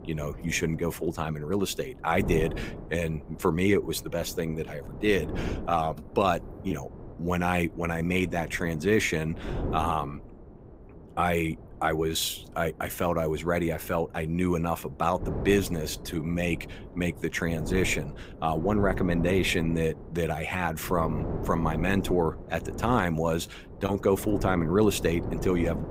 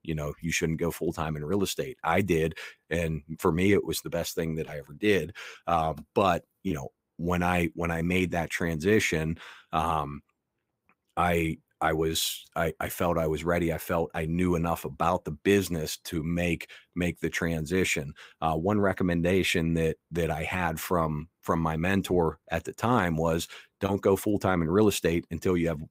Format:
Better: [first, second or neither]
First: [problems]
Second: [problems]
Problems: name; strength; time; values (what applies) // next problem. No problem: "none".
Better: second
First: wind noise on the microphone; occasional gusts; 15 dB below the speech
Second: none